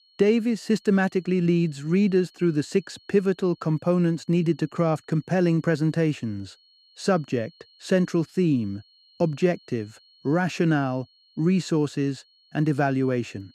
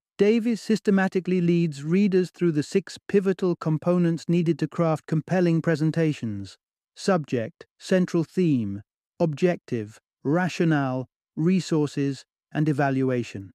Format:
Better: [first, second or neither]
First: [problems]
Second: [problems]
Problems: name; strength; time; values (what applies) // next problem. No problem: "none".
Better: second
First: high-pitched whine; faint; throughout; 4.5 kHz, 30 dB below the speech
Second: none